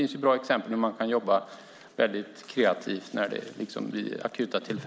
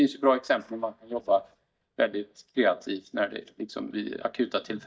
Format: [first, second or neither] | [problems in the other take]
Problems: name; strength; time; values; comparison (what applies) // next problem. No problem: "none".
first | noise reduction (neural mask model DeepFilterNet 3)